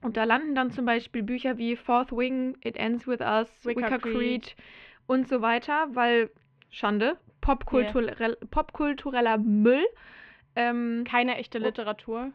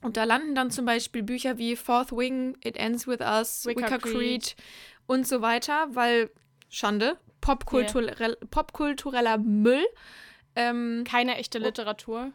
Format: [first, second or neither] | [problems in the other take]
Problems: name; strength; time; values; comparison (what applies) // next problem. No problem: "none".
second | muffled; very; fading above 2.5 kHz